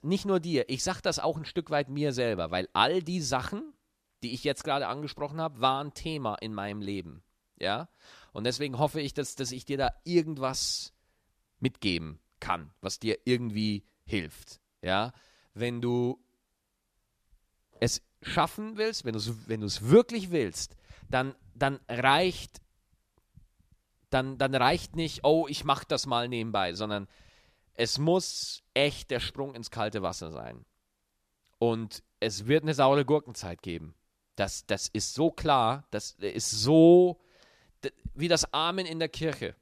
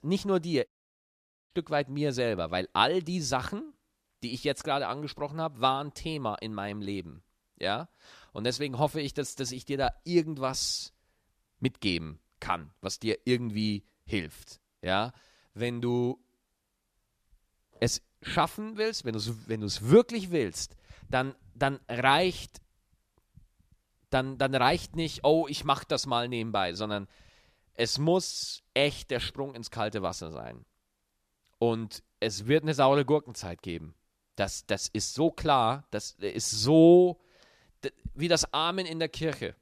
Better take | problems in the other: first | audio cutting out; at 0.5 s for 1 s

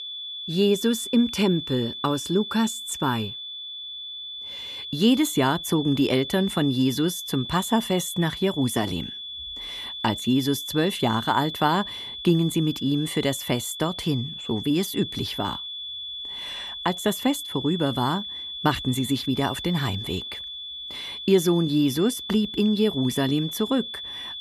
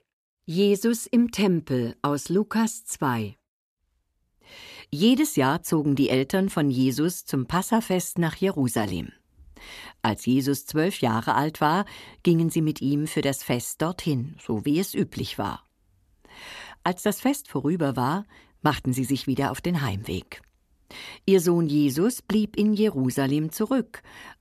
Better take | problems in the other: second | high-pitched whine; loud; throughout; 3.5 kHz, 8 dB below the speech

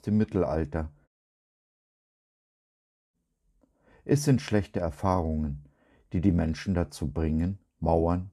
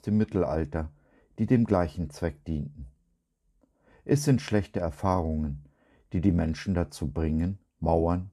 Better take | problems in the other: second | audio cutting out; at 1 s for 2 s

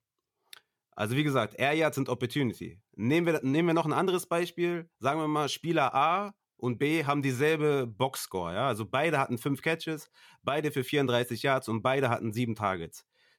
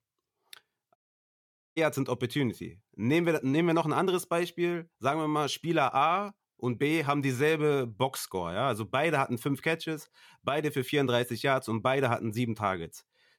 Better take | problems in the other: first | audio cutting out; at 1 s for 1 s

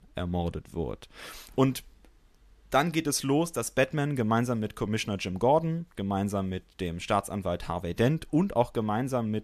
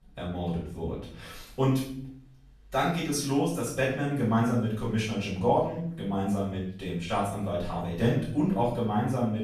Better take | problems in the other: first | room echo; noticeable; dies away in 0.6 s // off-mic speech; far

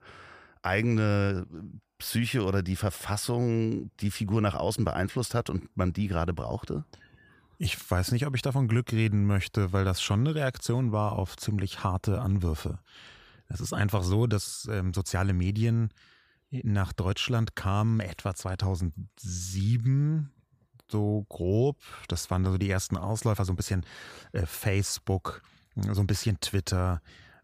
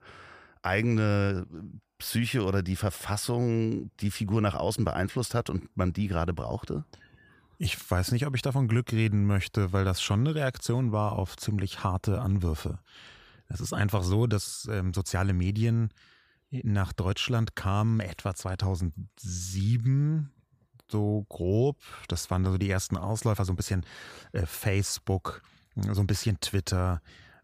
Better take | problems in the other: neither | none

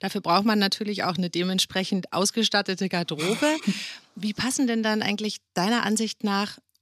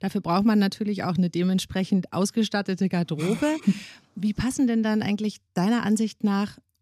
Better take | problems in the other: second | thin; very slightly; fading below 500 Hz

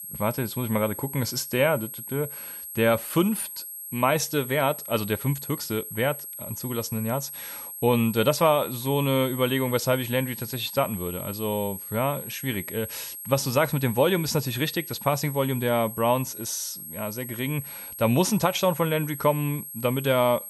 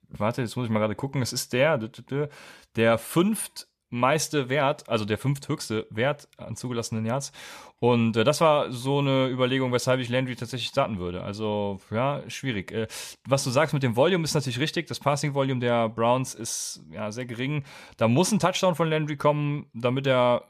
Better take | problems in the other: second | high-pitched whine; loud; throughout; 11.5 kHz, 9 dB below the speech

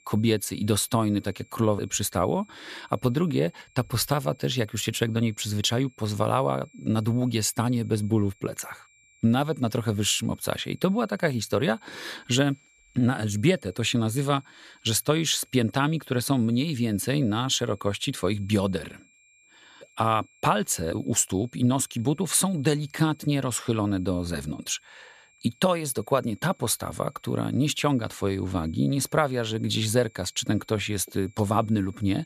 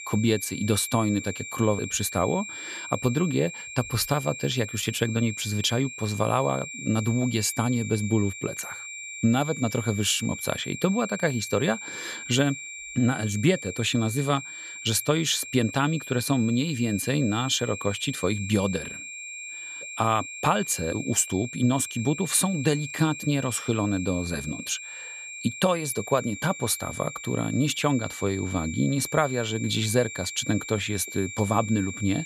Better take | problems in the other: first | high-pitched whine; loud; throughout; 2.5 kHz, 10 dB below the speech; faint in the first

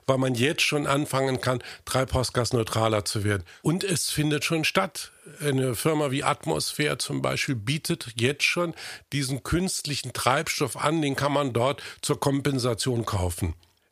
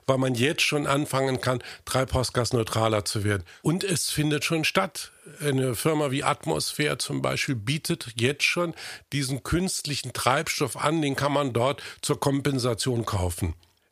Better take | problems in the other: neither | none

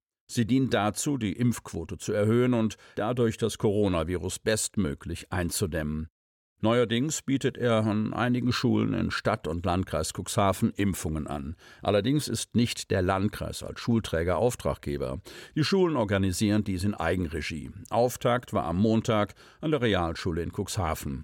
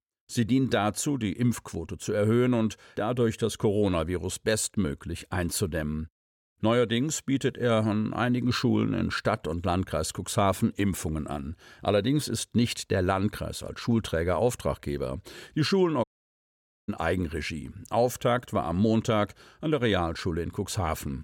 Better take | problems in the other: first | audio cutting out; at 16 s for 1 s

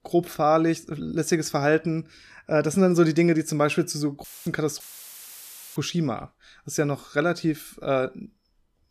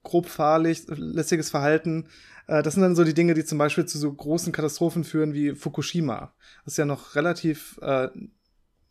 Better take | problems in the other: second | audio cutting out; filled with static; at 4 s and at 5 s for 1 s

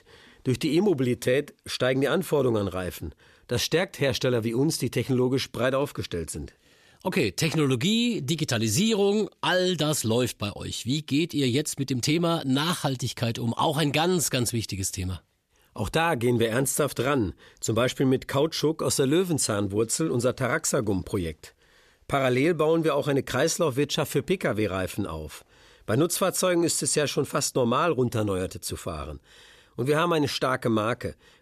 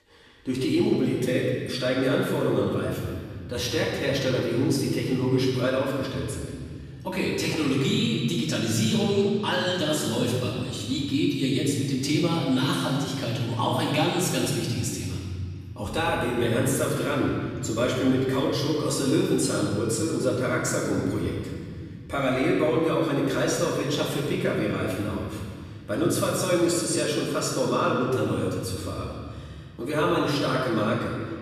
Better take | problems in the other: first | off-mic speech; far // room echo; noticeable; dies away in 2.2 s

